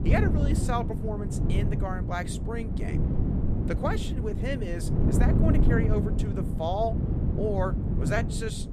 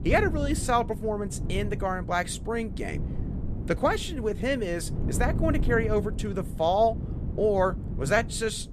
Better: second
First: wind noise on the microphone; heavy; 4 dB below the speech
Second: wind noise on the microphone; occasional gusts; 15 dB below the speech

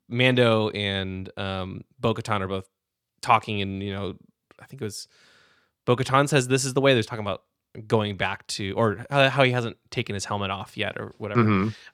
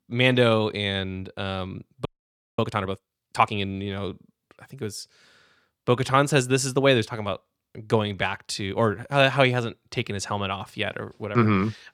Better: first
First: none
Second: audio freezing; at 2 s for 0.5 s

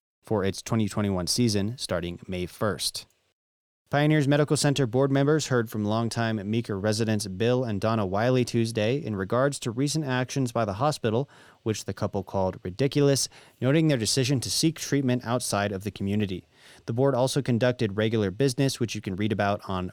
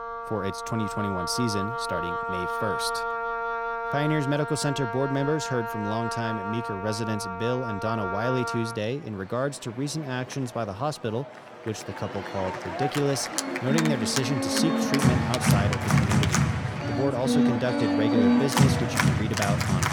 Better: first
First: none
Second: background music; very loud; throughout; 2 dB above the speech

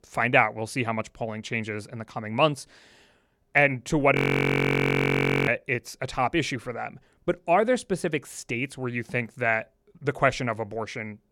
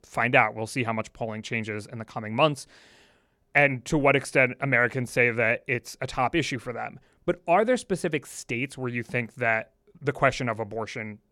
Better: second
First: audio freezing; at 4 s for 1.5 s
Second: none

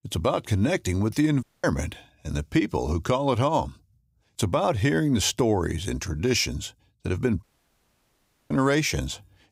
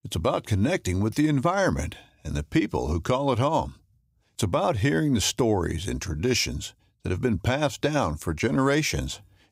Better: second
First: audio cutting out; at 1.5 s and at 7.5 s for 1 s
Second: none

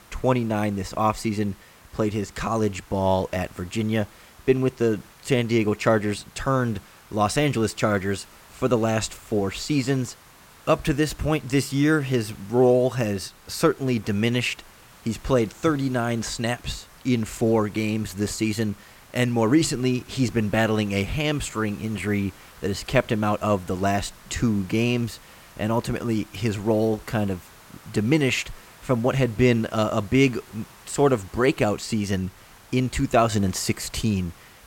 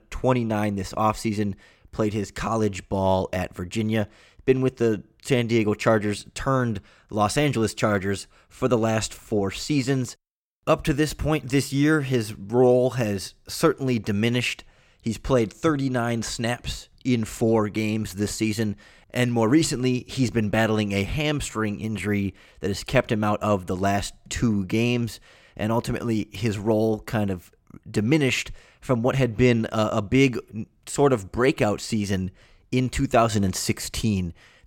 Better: second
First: hiss; faint; throughout; 25 dB below the speech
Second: none

